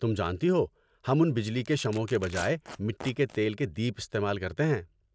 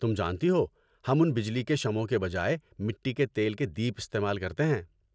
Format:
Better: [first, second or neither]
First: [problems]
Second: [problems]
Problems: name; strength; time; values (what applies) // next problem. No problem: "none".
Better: second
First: background sound (Tearing); 18 dB below the speech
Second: none